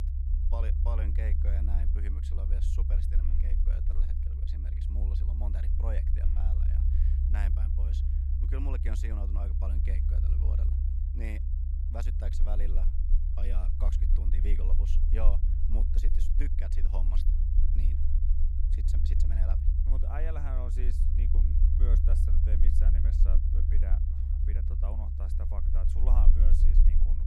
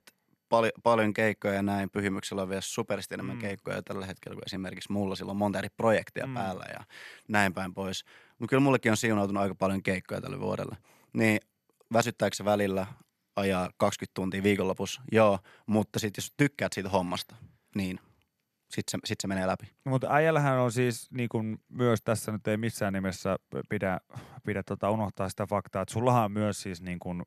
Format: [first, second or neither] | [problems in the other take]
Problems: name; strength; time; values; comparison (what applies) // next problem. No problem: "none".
second | low rumble; loud; throughout; 1 dB below the speech